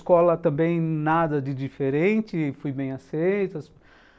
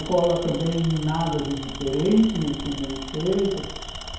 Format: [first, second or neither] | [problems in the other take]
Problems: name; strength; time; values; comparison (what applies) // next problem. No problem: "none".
first | background sound (Tools); 11 dB below the speech // room echo; dies away in 0.9 s